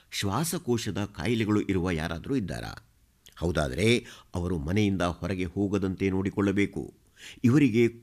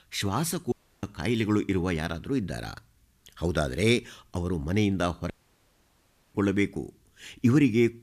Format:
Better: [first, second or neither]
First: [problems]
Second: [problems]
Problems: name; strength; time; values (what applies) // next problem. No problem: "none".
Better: first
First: none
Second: audio cutting out; at 0.5 s and at 5.5 s for 1 s